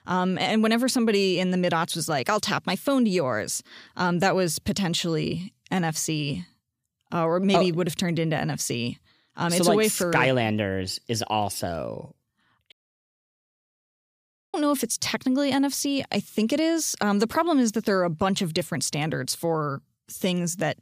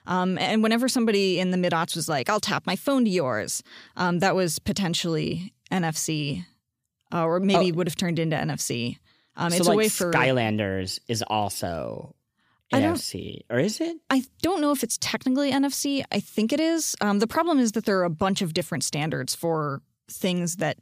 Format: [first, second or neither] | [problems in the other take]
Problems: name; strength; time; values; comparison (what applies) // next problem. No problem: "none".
second | audio cutting out; at 13 s for 2 s